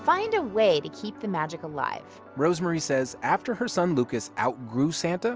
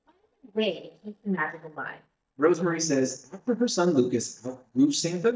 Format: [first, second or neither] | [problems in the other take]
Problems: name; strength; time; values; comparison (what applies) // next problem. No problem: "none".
first | noise reduction (neural mask model DeepFilterNet 3)